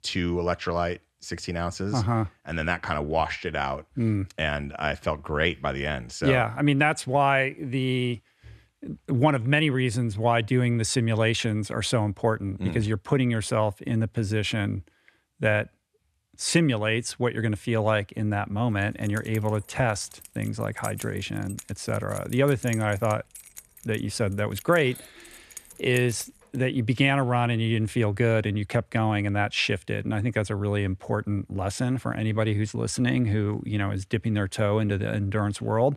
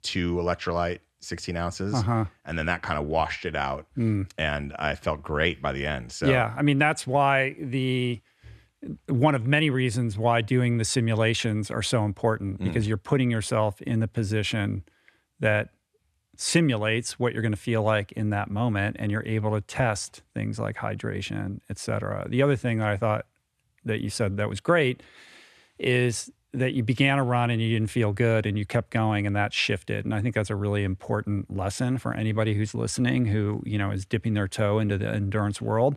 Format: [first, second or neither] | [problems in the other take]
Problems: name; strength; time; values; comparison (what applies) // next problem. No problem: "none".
second | jangling keys; faint; from 19 to 27 s; peak 10 dB below the speech